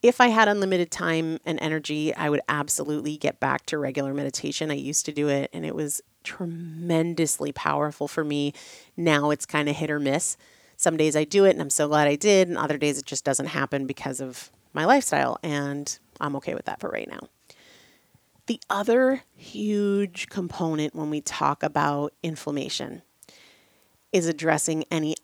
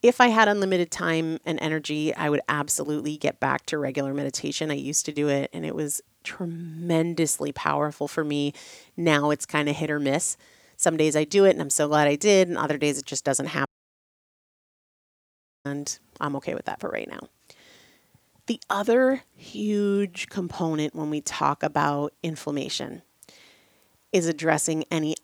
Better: first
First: none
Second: audio cutting out; at 14 s for 2 s

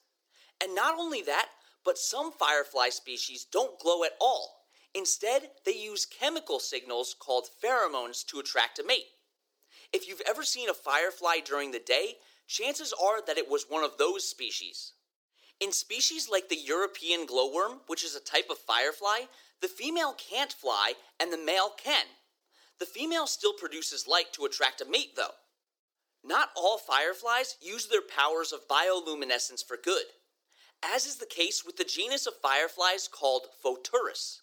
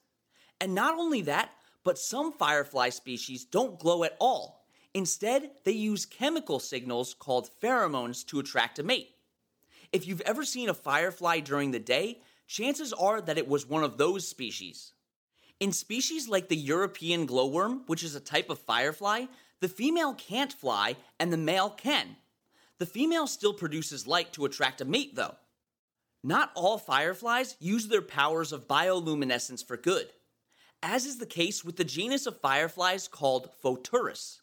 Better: second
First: thin; very; fading below 350 Hz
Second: none

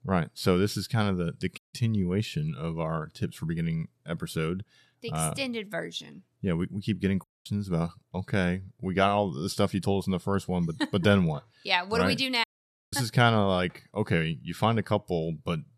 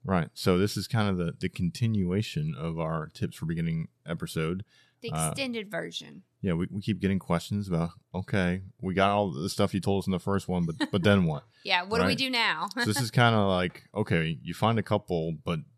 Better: second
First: audio cutting out; at 1.5 s, at 7 s and at 12 s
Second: none

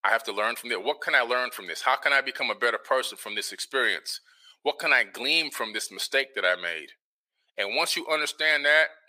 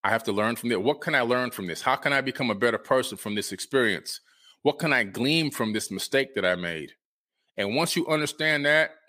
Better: second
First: thin; very; fading below 600 Hz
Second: none

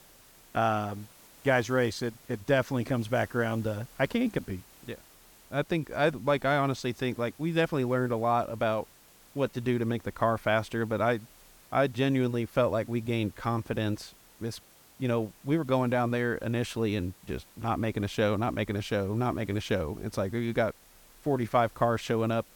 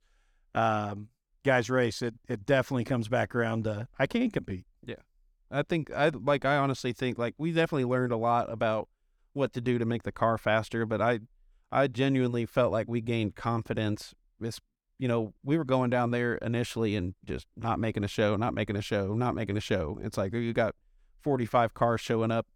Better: second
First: hiss; faint; throughout; 25 dB below the speech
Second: none

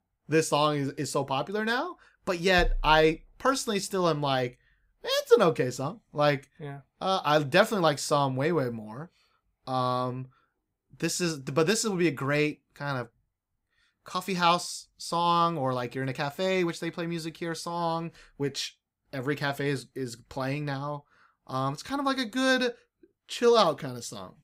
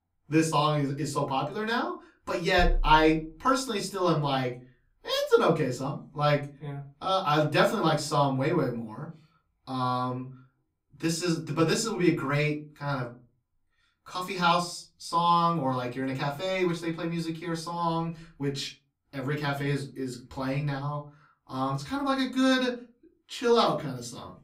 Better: first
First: none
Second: off-mic speech; far // room echo; very slight; dies away in 0.3 s

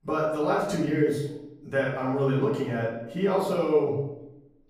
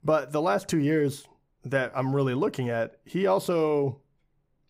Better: second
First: off-mic speech; far // room echo; noticeable; dies away in 0.7 s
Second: none

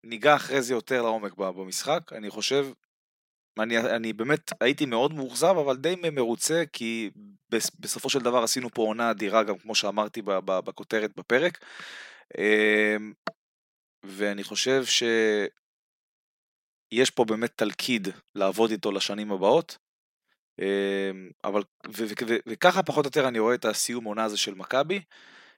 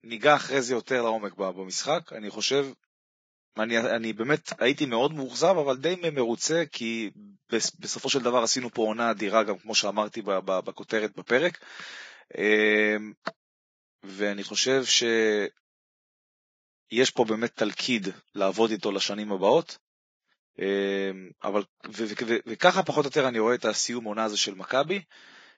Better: first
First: none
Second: garbled, watery; badly; nothing above 7.5 kHz

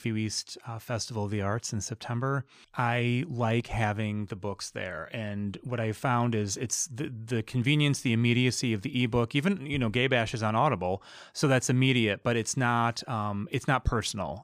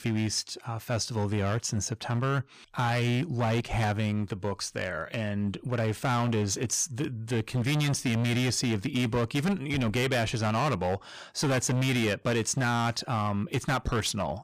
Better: first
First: none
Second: distortion; heavy; 16% of the sound clipped

